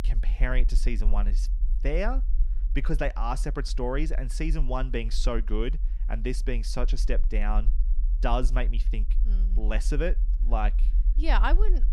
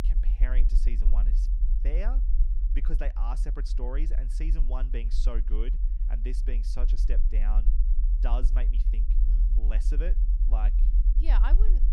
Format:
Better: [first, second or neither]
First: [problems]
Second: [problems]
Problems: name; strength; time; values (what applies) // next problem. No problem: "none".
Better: first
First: low rumble; faint; throughout; 20 dB below the speech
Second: low rumble; loud; throughout; 9 dB below the speech